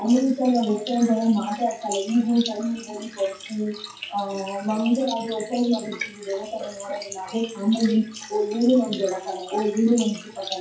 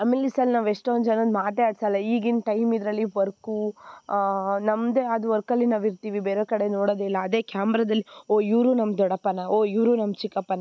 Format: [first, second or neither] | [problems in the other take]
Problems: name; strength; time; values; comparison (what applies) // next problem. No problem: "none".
second | noise reduction (classical method WPE with log-MMSE)